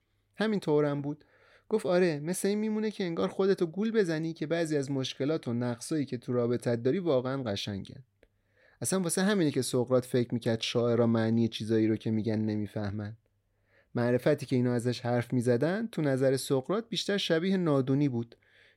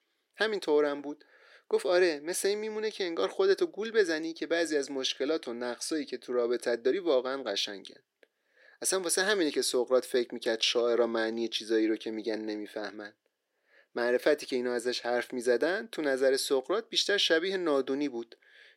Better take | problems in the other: first | thin; somewhat; fading below 350 Hz

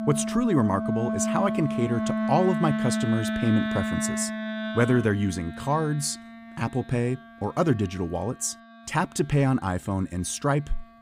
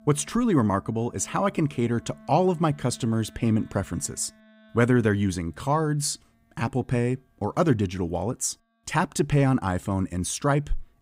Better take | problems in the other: second | background music; loud; throughout; 3 dB below the speech; faint in the second

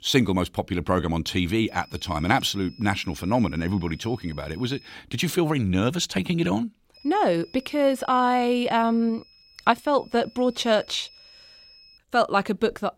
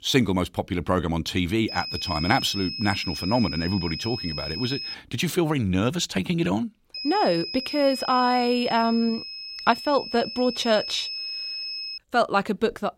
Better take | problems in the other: first | high-pitched whine; loud; from 1.5 to 5 s and from 7 to 12 s; 5 kHz, 7 dB below the speech; faint in the first

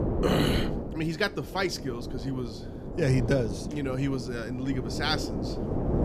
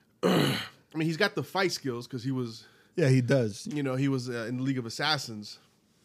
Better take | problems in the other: second | wind noise on the microphone; heavy; 6 dB below the speech

